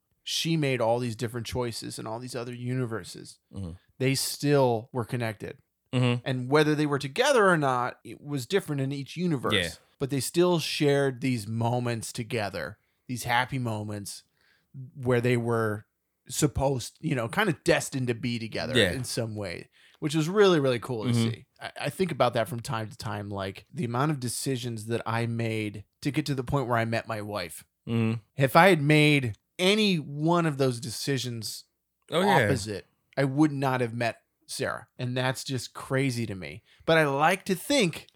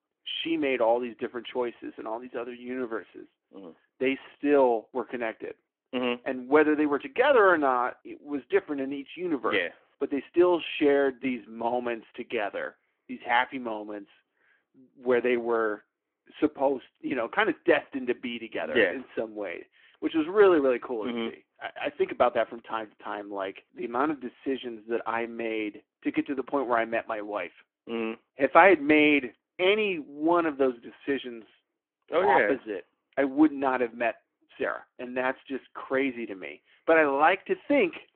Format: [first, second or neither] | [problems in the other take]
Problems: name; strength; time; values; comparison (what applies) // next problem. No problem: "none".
first | phone-call audio